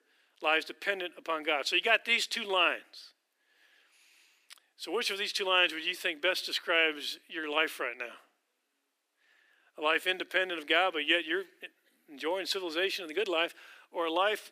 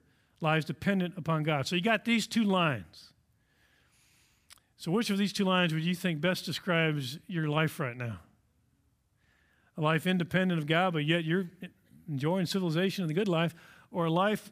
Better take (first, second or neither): second